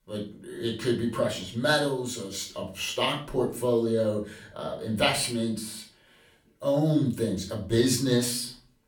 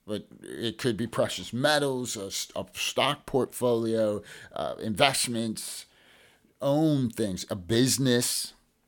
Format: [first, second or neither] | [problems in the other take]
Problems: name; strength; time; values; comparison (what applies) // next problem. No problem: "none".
second | off-mic speech; far // room echo; slight; dies away in 0.3 s